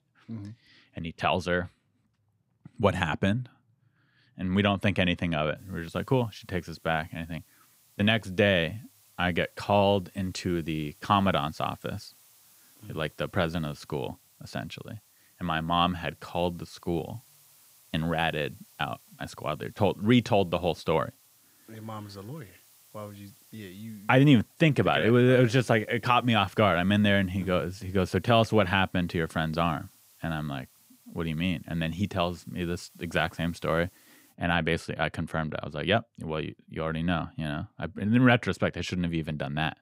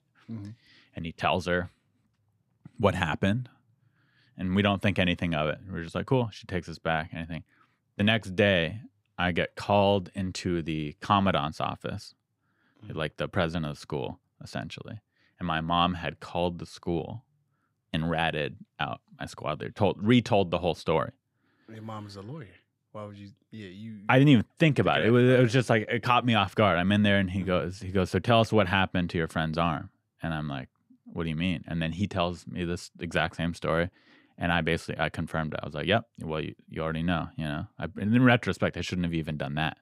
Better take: second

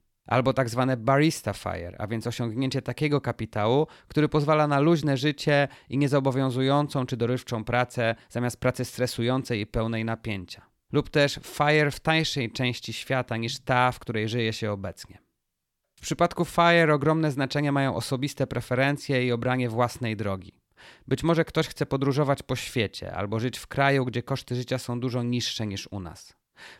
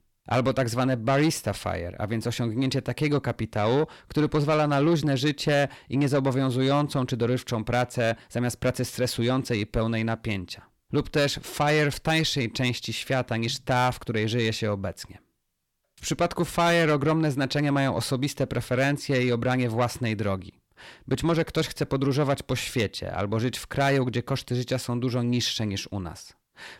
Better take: first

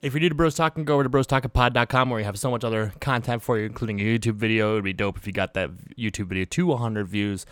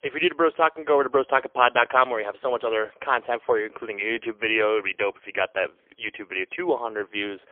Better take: first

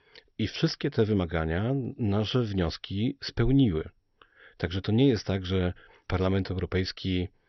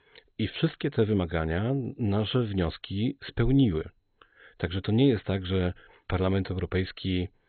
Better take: first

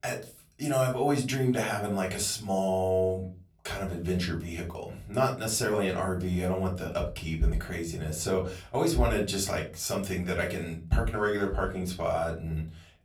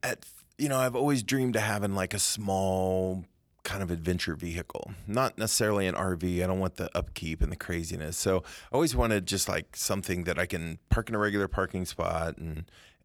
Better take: second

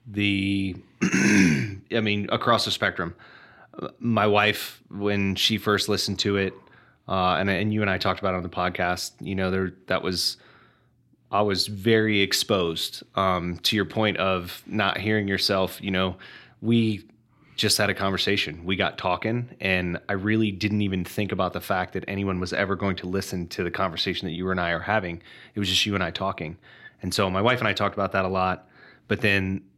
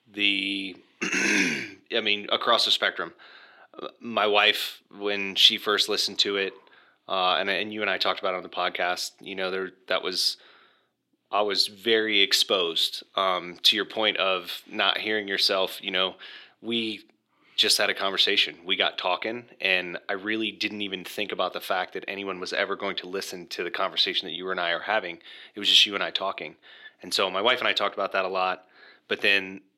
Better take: first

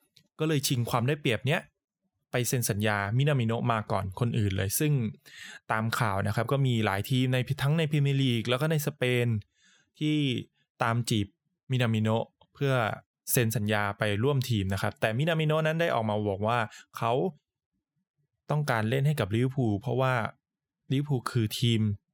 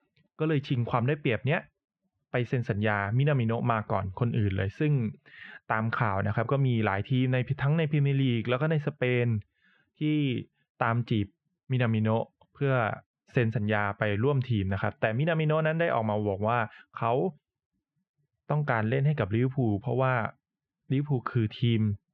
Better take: first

